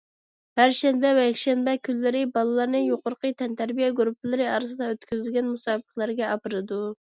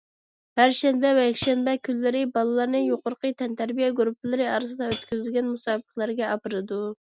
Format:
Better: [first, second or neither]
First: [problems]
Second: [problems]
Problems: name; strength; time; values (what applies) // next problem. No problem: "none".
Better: first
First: none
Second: background sound (Hi-hat); 13 dB below the speech